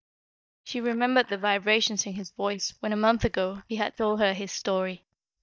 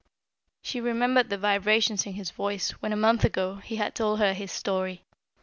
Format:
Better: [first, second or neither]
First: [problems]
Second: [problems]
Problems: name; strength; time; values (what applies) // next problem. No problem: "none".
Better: second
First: noise reduction (neural mask model DeepFilterNet 3)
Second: none